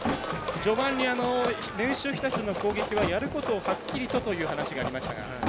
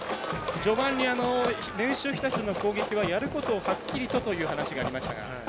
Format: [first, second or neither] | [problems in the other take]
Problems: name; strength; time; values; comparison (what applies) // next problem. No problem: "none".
second | background sound (Drawer open or close); 11 dB below the speech